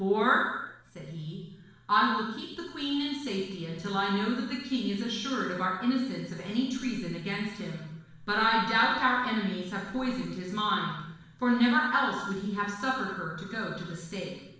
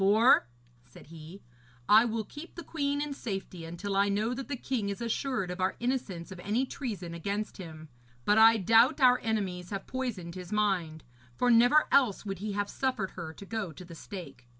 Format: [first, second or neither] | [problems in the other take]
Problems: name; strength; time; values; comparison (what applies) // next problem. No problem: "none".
second | room echo; dies away in 0.9 s